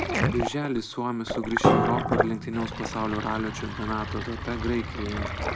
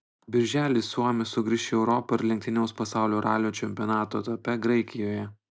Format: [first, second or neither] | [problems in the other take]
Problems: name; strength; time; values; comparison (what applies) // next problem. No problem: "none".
second | background sound (Sink (filling or washing) + Piano); 2 dB above the speech